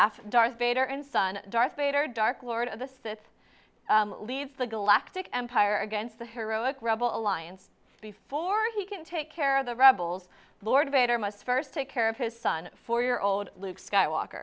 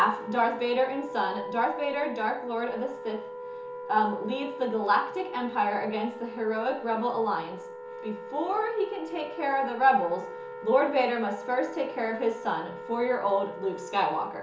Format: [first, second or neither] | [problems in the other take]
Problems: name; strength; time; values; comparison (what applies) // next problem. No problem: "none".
first | background sound (Wind instrument, woodwind instrument); 11 dB below the speech // room echo; dies away in 0.7 s